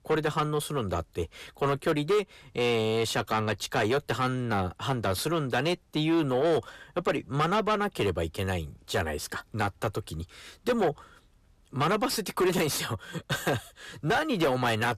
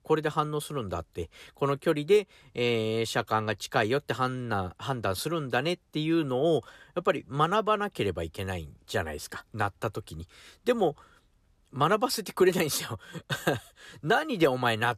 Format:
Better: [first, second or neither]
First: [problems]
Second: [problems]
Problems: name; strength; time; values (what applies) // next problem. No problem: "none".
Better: second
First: distortion; heavy; 7 dB below the speech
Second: none